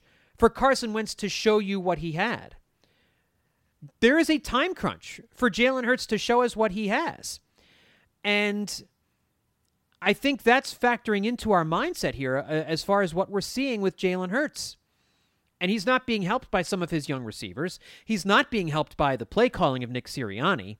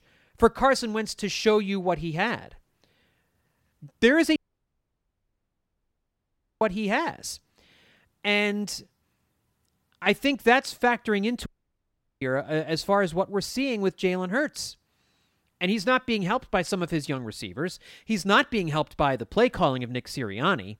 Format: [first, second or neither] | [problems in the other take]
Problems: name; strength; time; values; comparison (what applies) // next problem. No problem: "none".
first | audio cutting out; at 4.5 s for 2.5 s and at 11 s for 1 s